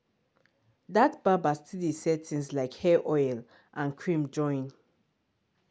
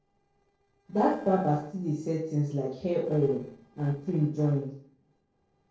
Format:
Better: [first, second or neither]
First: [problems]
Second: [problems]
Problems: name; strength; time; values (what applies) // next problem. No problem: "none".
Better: first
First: none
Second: noise reduction (neural separator model SepFormer DNS4)